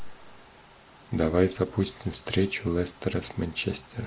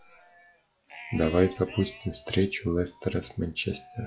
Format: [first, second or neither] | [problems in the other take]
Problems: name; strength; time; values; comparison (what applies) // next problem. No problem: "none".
first | noise reduction (classical method log-MMSE)